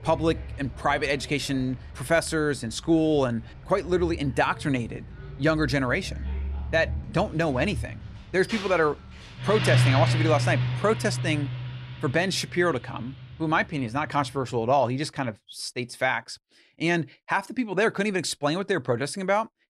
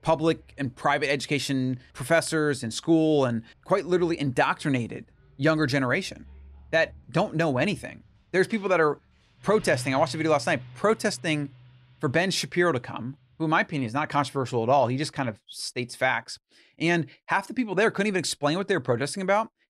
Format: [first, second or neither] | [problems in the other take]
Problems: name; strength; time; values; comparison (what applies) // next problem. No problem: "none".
second | traffic noise; loud; until 15 s; 5 dB below the speech; faint in the second